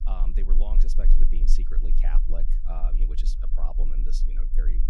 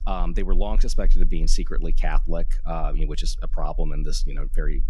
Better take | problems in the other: second | low rumble; loud; throughout; 9 dB below the speech; faint in the second

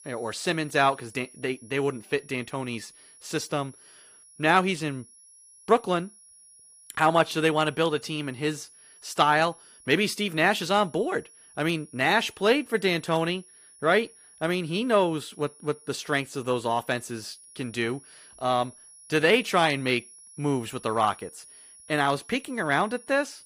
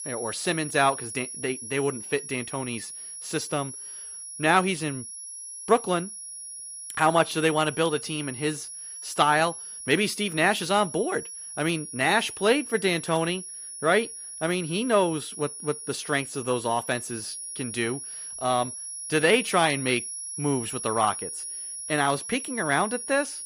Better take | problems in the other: first | high-pitched whine; loud; throughout; 10.5 kHz, 9 dB below the speech; faint in the first

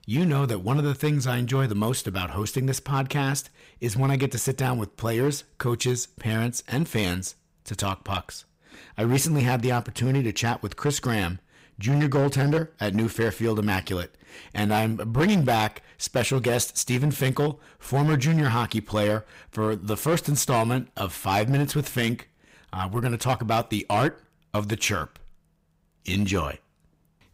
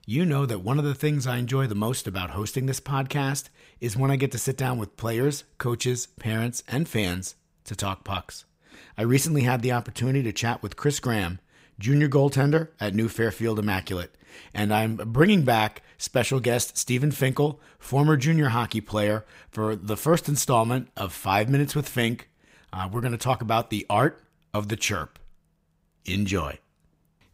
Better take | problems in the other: second | distortion; slight; 6% of the sound clipped

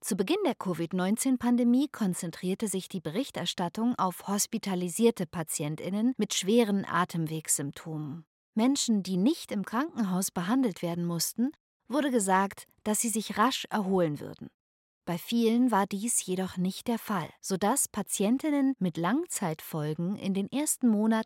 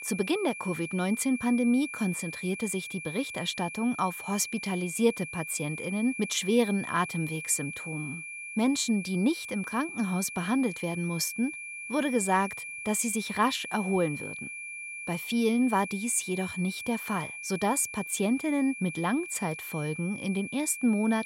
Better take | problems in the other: first | high-pitched whine; loud; throughout; 2.5 kHz, 8 dB below the speech

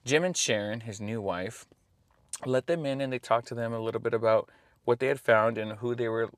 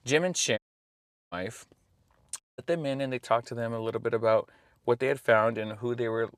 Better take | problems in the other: first | audio cutting out; at 0.5 s for 0.5 s and at 2.5 s

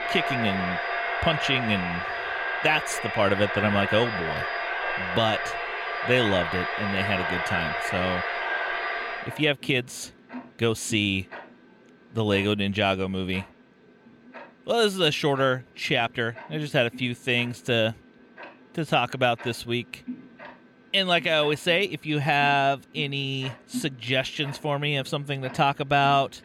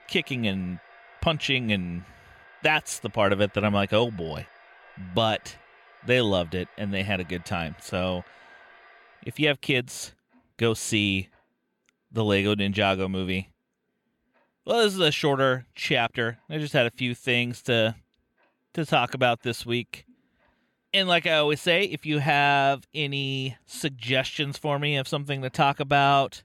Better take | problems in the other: second | household noises; loud; throughout; 4 dB below the speech; faint in the second

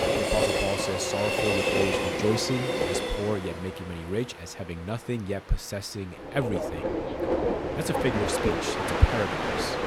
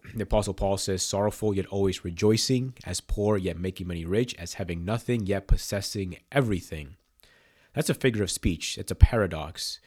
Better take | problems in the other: second | train or aircraft noise; very loud; throughout; 3 dB above the speech

